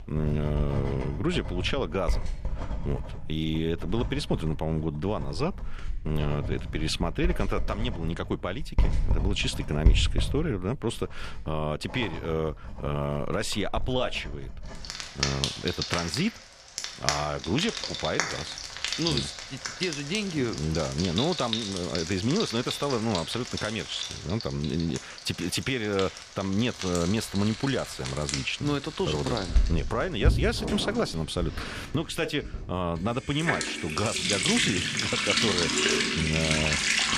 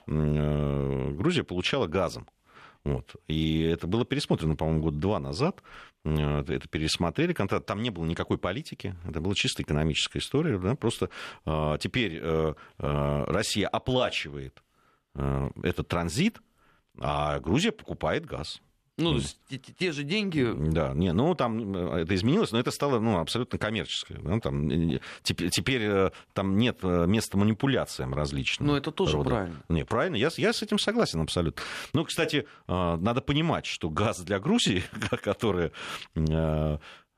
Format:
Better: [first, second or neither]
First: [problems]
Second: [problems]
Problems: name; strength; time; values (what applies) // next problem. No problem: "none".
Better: second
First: household noises; loud; throughout; 1 dB below the speech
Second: none